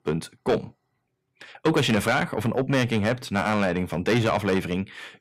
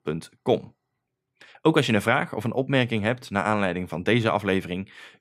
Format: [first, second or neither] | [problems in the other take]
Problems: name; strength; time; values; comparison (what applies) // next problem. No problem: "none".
second | distortion; heavy; 7 dB below the speech